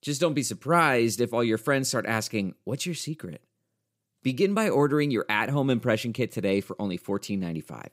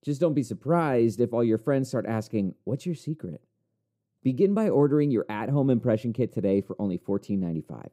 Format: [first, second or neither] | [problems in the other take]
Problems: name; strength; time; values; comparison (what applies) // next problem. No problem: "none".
first | muffled; slightly; fading above 1 kHz